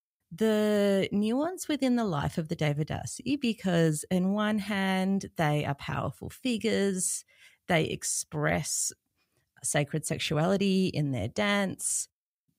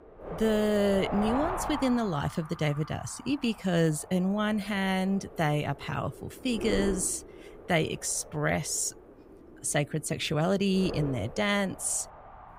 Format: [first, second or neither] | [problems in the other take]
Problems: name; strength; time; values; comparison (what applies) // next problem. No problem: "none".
first | wind noise on the microphone; heavy; 9 dB below the speech